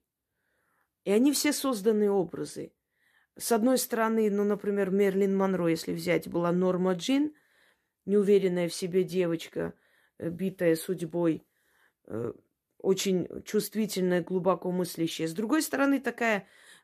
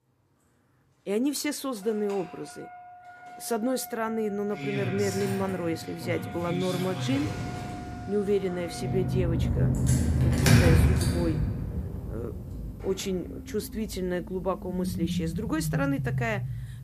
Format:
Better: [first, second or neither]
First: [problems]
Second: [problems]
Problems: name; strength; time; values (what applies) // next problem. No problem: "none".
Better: first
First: none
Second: traffic noise; very loud; throughout; 2 dB above the speech